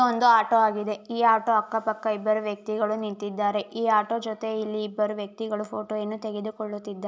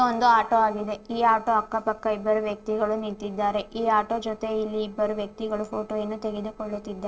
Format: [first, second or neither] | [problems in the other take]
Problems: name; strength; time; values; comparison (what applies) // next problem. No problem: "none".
first | noise reduction (neural separator model SepFormer DNS4)